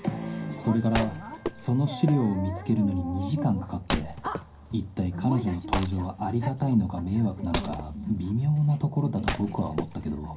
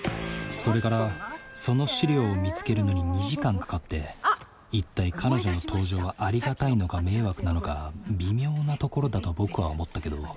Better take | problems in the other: second | background sound (Wood); 11 dB below the speech // room echo; dies away in 0.3 s

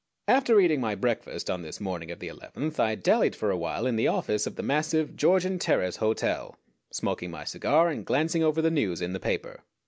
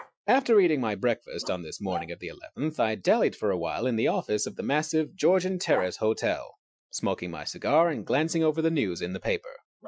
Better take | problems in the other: first | noise reduction (classical method Wiener filter)

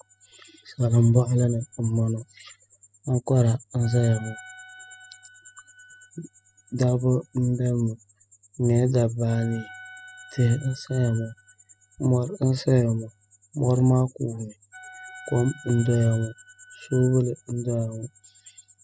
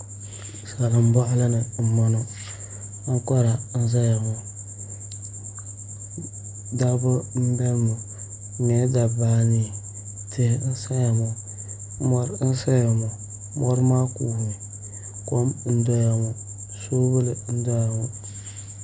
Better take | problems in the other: second | noise reduction (classical method spectral subtraction)

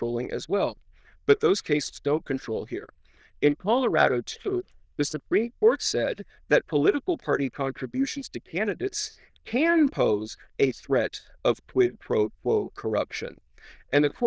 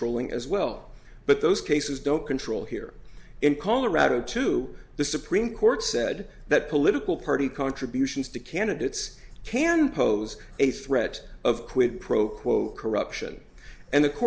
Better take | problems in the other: second | noise reduction (neural diffusion model UNIVERSE++)

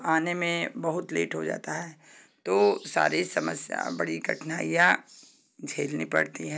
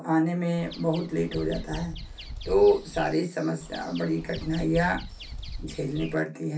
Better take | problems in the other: first | background sound (Bird vocalization, bird call, bird song); 11 dB below the speech // room echo; dies away in 0.3 s

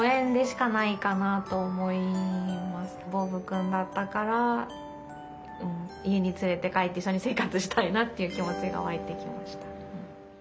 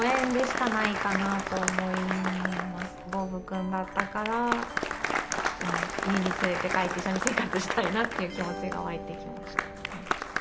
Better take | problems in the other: first | background sound (Applause); 2 dB below the speech

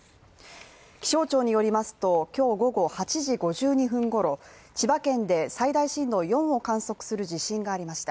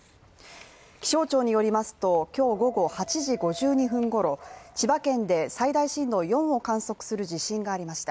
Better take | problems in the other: first | background sound (Dog); 19 dB below the speech

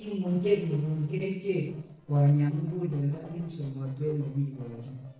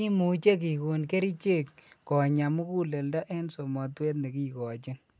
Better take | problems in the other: second | noise reduction (neural separator model SepFormer DNS4)

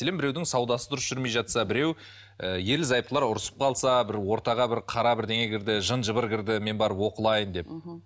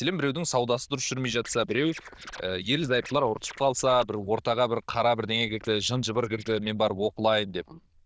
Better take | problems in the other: first | noise reduction (neural diffusion model UNIVERSE++)

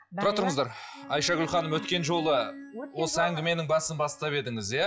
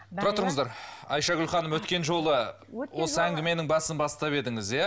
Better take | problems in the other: second | noise reduction (classical method log-MMSE)

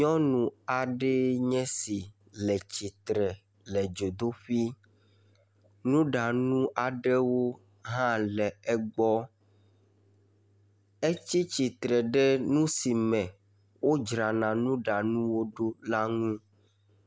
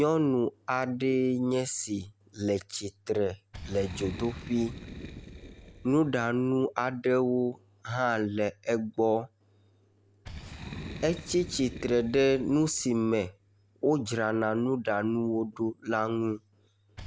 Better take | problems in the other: first | background sound (Boom); 18 dB below the speech

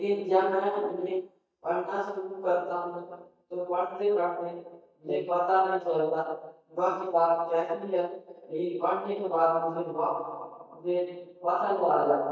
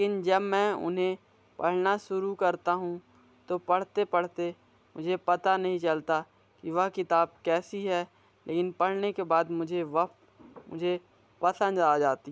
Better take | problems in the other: second | noise reduction (neural mask model DeepFilterNet 3)

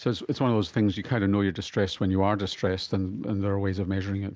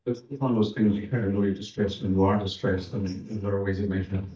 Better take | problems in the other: first | noise reduction (neural mask model DeepFilterNet 3)

